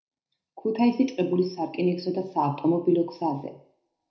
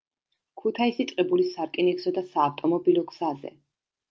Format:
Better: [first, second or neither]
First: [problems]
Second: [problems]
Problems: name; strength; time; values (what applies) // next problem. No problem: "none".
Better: second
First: room echo; dies away in 0.5 s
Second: none